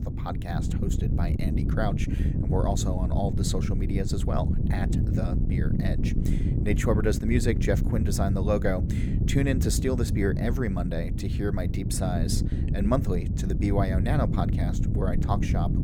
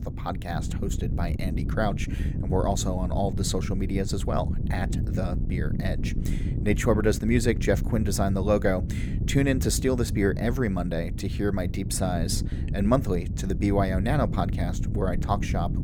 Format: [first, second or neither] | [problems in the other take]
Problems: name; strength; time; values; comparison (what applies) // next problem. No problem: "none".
second | wind noise on the microphone; heavy; 6 dB below the speech; occasional gusts in the second